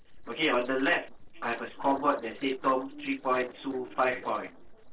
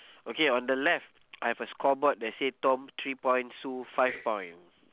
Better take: second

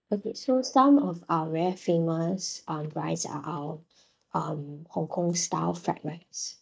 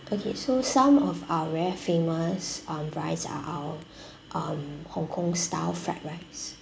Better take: second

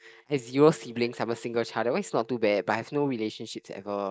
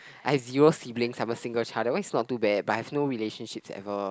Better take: second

